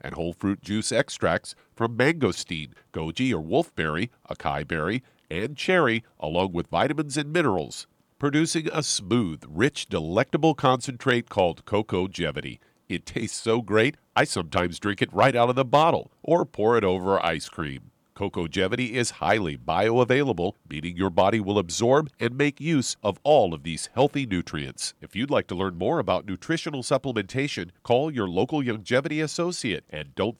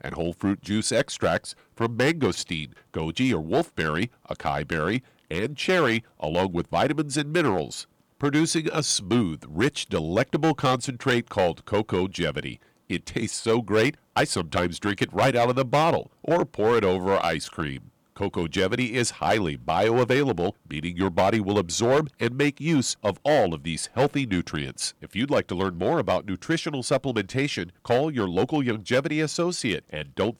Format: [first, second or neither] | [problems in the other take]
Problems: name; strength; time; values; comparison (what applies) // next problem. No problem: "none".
first | distortion; slight; 4% of the sound clipped